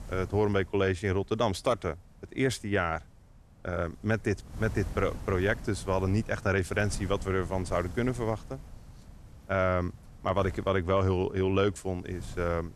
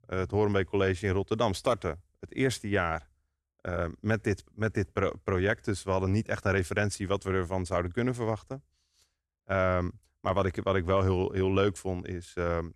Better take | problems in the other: second | wind noise on the microphone; occasional gusts; 20 dB below the speech

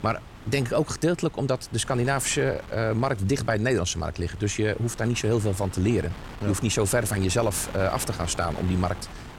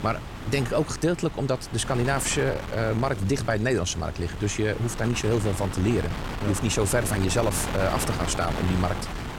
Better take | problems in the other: first | wind noise on the microphone; heavy; 7 dB below the speech; occasional gusts in the first

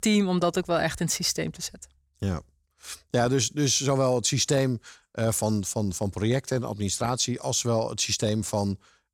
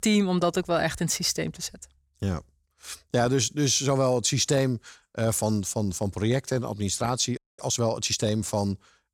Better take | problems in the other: first | audio freezing; at 7.5 s

